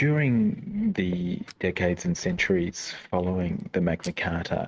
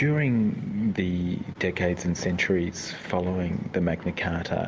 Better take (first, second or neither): second